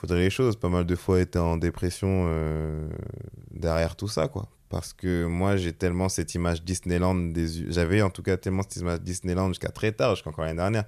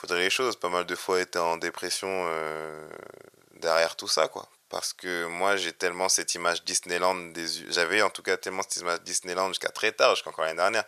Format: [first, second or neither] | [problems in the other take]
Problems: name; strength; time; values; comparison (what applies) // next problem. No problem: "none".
first | thin; very; fading below 700 Hz